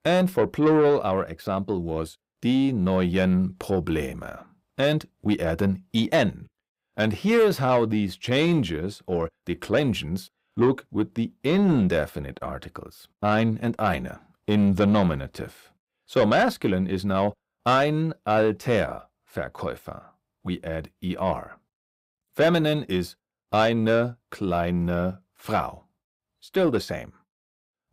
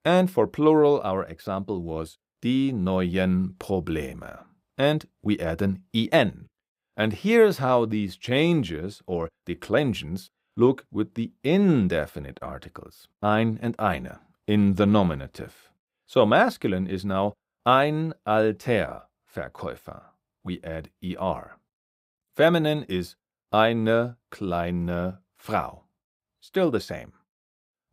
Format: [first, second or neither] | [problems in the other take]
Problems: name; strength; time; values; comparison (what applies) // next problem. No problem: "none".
second | distortion; slight; 10 dB below the speech